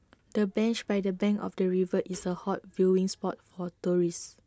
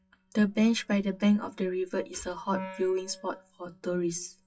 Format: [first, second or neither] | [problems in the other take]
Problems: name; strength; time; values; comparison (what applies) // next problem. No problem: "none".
first | noise reduction (classical method WPE with log-MMSE)